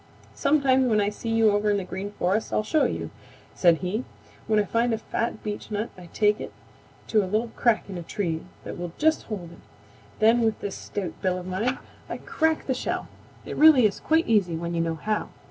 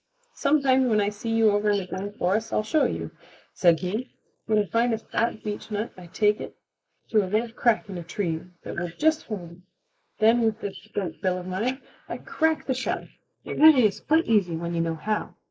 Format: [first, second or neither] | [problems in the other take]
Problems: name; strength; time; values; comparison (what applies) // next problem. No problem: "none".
first | noise reduction (neural mask model Resemble Enhance denoiser)